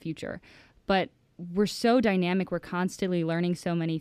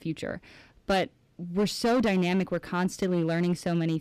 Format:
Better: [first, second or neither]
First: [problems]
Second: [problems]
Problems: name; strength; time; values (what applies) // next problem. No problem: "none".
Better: first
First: none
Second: distortion; slight; 8% of the sound clipped